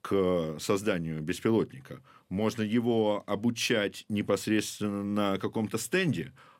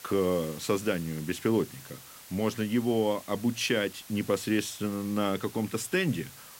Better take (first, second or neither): first